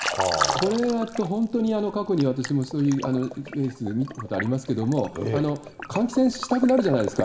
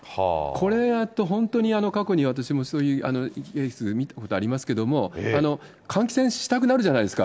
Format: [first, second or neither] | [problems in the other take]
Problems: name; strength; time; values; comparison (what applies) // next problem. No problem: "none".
second | background sound (Liquid); 9 dB below the speech // room echo; dies away in 1.3 s